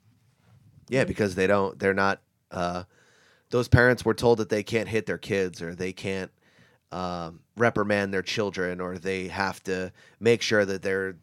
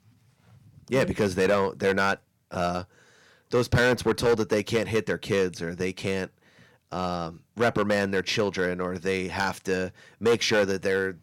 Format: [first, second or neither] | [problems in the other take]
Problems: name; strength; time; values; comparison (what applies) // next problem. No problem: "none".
first | distortion; heavy; 4% of the sound clipped